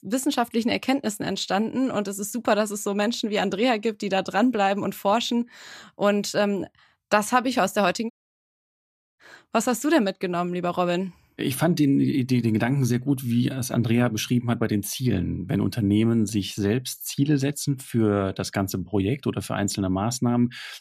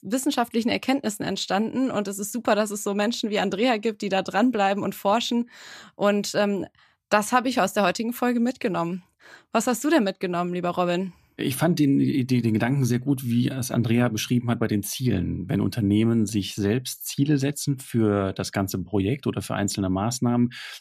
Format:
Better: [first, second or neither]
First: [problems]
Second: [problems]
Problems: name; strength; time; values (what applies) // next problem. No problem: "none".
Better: second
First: audio cutting out; at 8 s for 1 s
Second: none